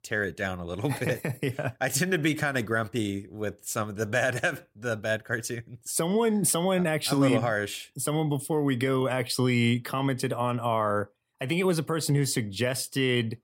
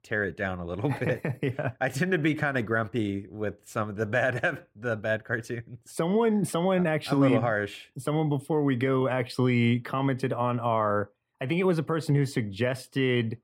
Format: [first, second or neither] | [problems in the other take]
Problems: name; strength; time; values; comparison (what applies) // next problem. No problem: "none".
first | muffled; slightly; fading above 3.5 kHz